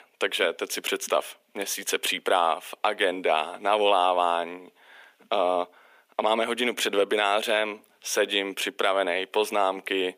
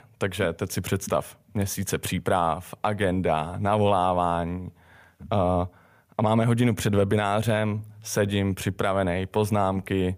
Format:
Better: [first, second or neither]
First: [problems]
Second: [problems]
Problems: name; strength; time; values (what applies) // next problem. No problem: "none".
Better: second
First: thin; very; fading below 300 Hz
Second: none